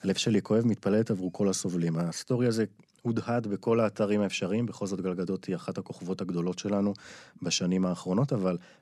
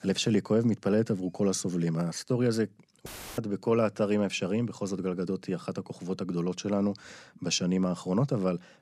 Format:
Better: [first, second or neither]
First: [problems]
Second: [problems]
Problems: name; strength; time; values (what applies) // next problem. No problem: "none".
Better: first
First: none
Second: audio cutting out; filled with static; at 3 s